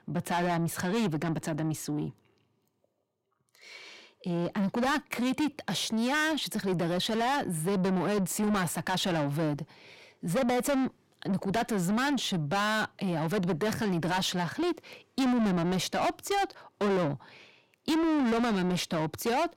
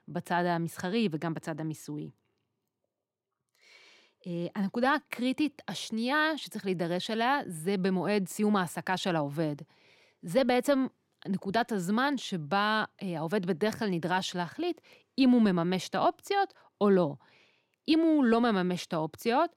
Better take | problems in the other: second | distortion; heavy; 6 dB below the speech

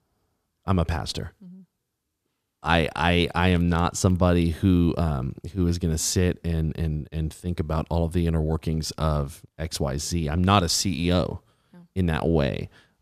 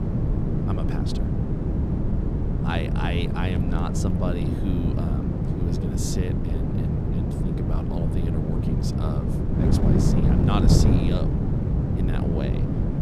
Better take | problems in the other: first | wind noise on the microphone; heavy; 2 dB above the speech

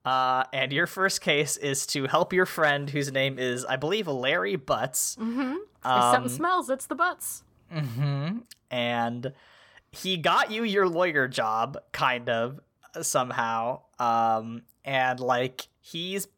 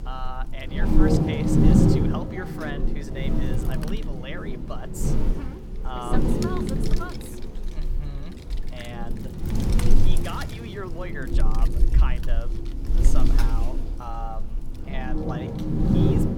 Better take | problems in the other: first | wind noise on the microphone; heavy; 4 dB above the speech

